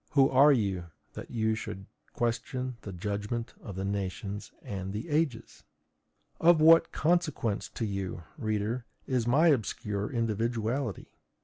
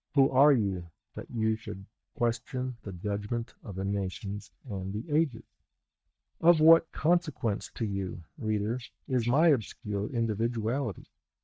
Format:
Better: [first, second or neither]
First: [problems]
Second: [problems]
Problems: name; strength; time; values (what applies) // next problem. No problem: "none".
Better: first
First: none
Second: noise reduction (neural mask model DeepFilterNet 3)